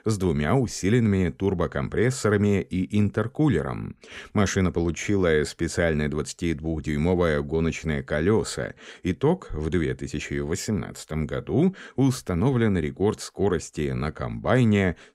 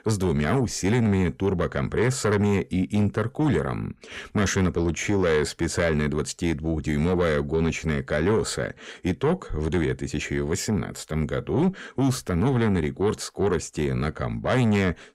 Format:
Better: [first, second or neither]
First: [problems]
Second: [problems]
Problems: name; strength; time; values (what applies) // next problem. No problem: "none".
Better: first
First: none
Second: distortion; slight; 10 dB below the speech